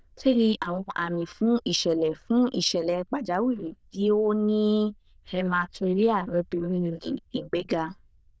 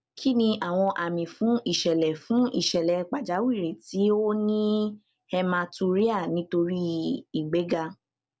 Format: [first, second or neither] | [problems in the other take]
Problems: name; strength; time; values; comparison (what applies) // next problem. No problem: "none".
second | noise reduction (neural diffusion model UNIVERSE++)